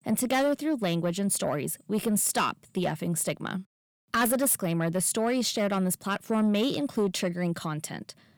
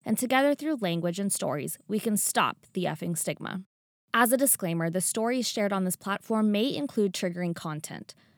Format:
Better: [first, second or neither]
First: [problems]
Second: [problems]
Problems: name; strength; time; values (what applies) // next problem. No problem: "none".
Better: second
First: distortion; slight; 10 dB below the speech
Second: none